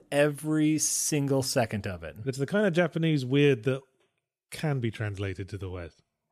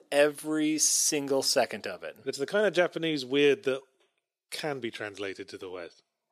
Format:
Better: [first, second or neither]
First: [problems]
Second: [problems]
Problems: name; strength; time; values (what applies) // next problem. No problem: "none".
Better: first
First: none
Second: thin; somewhat; fading below 400 Hz